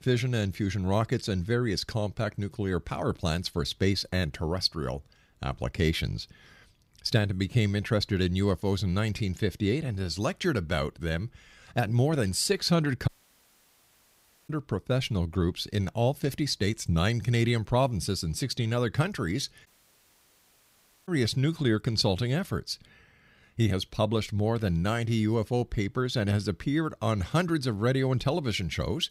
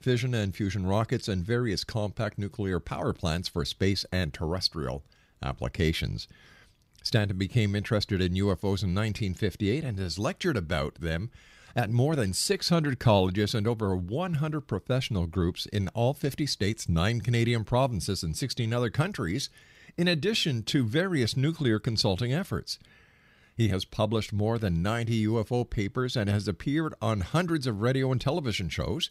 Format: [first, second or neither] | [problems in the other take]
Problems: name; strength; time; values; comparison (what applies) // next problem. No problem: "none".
second | audio cutting out; at 13 s for 1.5 s and at 20 s for 1.5 s